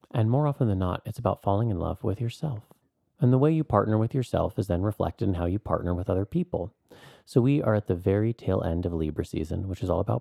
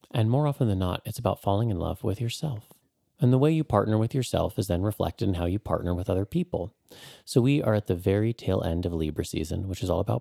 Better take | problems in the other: second | muffled; slightly; fading above 2.5 kHz

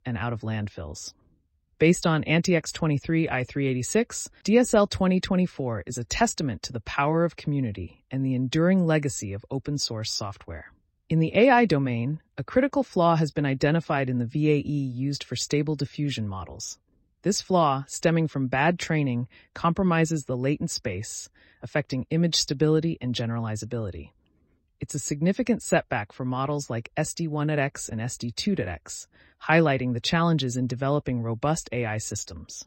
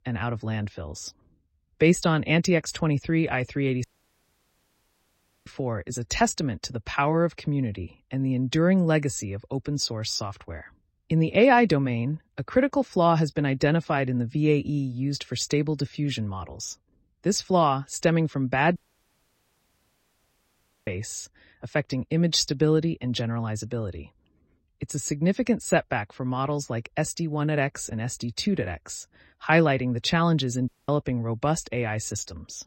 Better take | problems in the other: first | audio cutting out; at 4 s for 1.5 s, at 19 s for 2 s and at 31 s

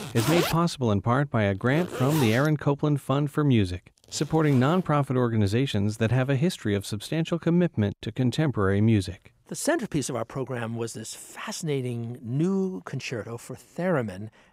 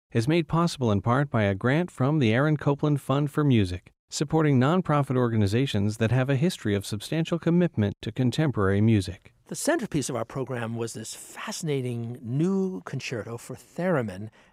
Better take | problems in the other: second | household noises; loud; throughout; 8 dB below the speech

